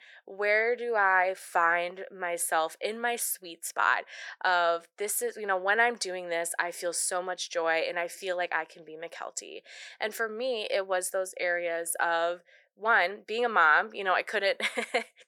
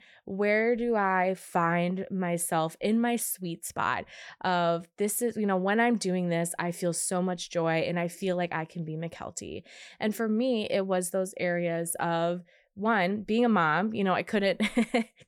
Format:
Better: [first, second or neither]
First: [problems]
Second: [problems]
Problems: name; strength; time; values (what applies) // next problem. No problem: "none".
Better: second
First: thin; very; fading below 450 Hz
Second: none